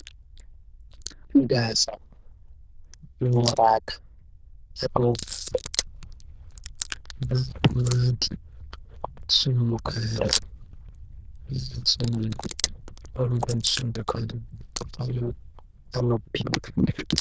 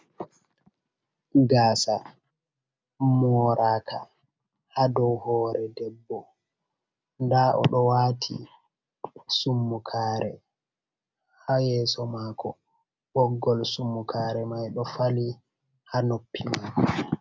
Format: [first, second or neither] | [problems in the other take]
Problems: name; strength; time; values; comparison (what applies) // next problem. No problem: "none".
second | noise reduction (neural diffusion model UNIVERSE++)